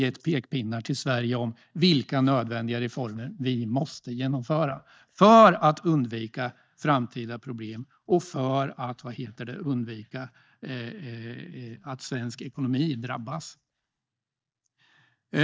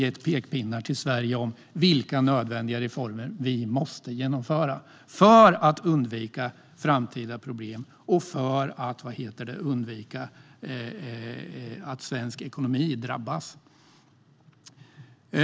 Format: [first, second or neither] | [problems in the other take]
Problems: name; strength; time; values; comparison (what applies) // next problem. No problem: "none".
second | noise reduction (neural mask model DeepFilterNet 3)